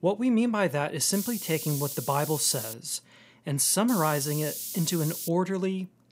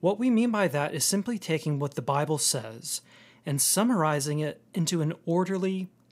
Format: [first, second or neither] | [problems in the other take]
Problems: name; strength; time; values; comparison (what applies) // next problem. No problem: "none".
second | hiss; loud; from 1 to 2.5 s and from 4 to 5.5 s; 7 dB below the speech